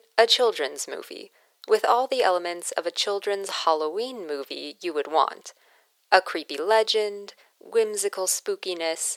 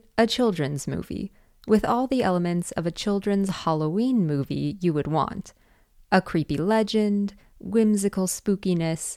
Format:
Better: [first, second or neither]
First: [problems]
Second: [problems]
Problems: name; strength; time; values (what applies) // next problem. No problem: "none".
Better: second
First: thin; very; fading below 400 Hz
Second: none